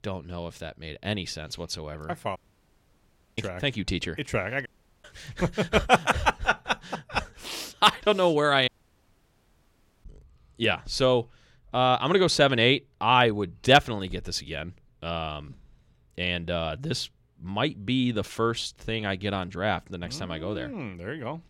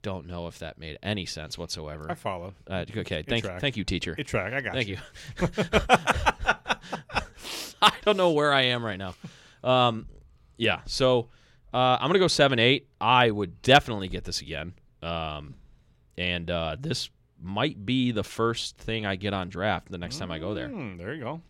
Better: second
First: audio cutting out; at 2.5 s for 1 s, at 4.5 s and at 8.5 s for 1.5 s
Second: none

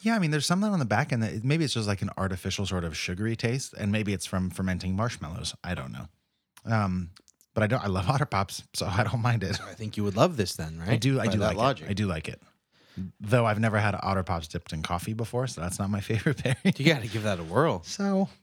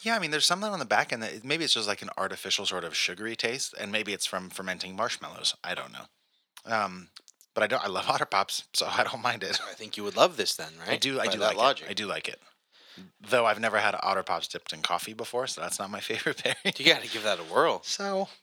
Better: first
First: none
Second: thin; very; fading below 450 Hz

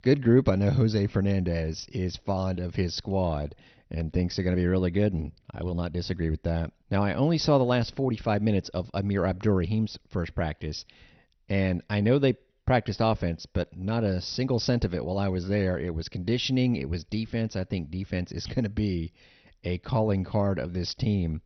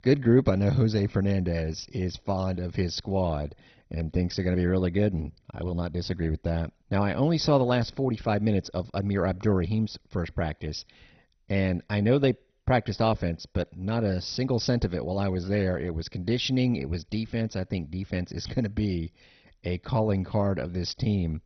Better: first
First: garbled, watery; slightly; nothing above 6 kHz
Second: garbled, watery; badly; nothing above 6 kHz

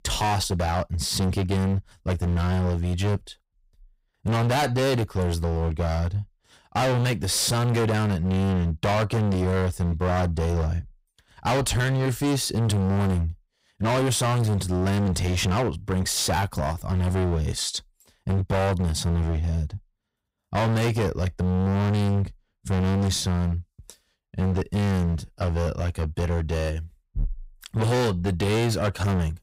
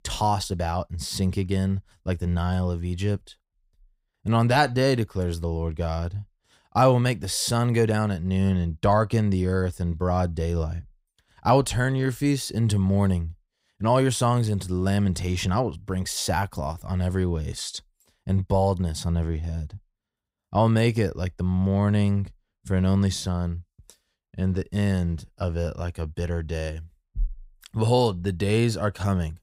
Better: second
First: distortion; heavy; 28% of the sound clipped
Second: none

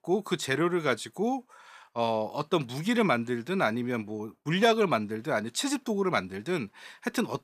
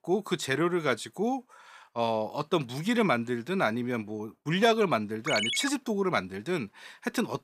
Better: first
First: none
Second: phone ringing; loud; at 5.5 s; peak 1 dB above the speech

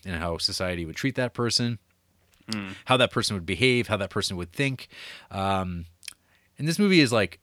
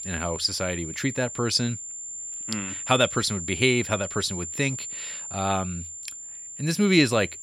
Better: first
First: none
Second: high-pitched whine; loud; throughout; 7 kHz, 8 dB below the speech

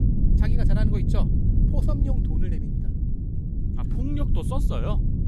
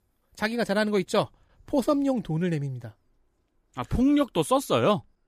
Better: second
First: low rumble; loud; throughout; as loud as the speech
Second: none

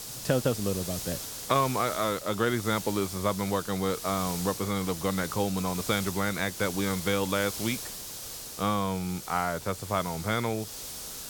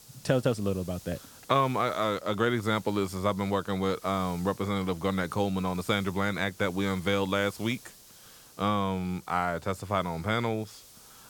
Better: second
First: hiss; loud; throughout; 7 dB below the speech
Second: hiss; faint; throughout; 20 dB below the speech

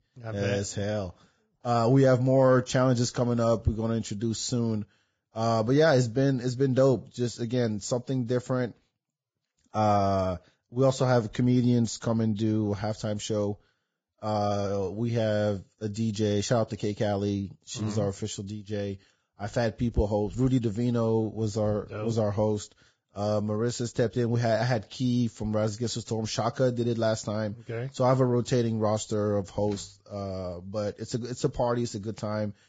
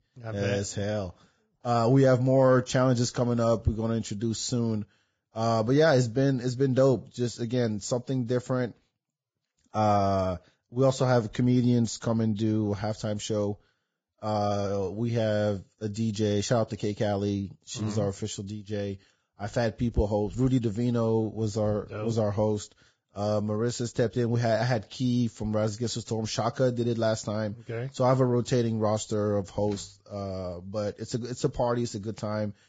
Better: neither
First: garbled, watery; badly; nothing above 7.5 kHz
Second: garbled, watery; badly; nothing above 7.5 kHz

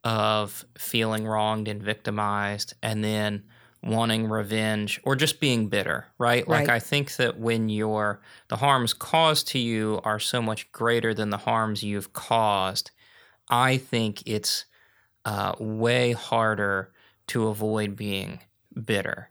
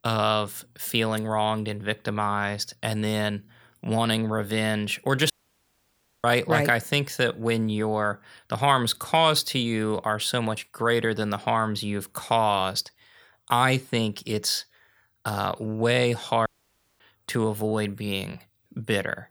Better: first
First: none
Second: audio cutting out; at 5.5 s for 1 s and at 16 s for 0.5 s

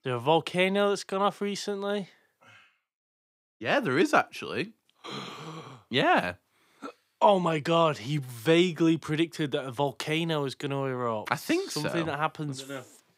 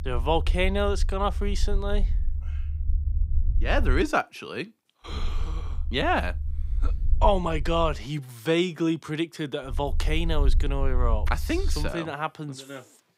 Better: first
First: none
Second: low rumble; faint; until 4 s, from 5 to 8 s and from 9.5 to 12 s; 25 dB below the speech

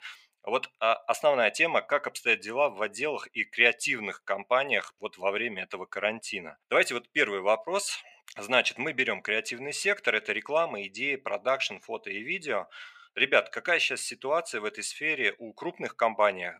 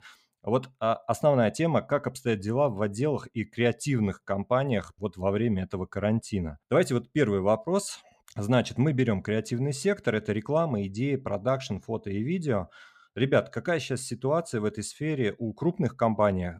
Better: second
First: thin; very; fading below 550 Hz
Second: none

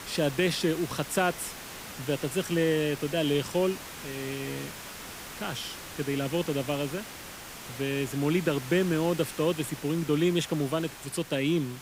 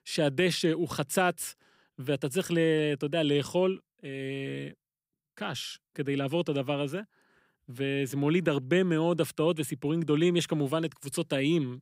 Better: second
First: hiss; noticeable; throughout; 10 dB below the speech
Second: none

